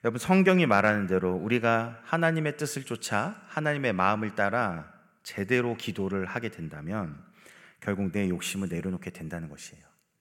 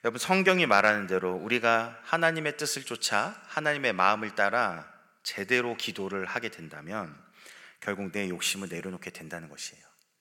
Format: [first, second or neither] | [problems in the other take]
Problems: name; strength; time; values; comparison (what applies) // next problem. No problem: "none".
first | thin; somewhat; fading below 550 Hz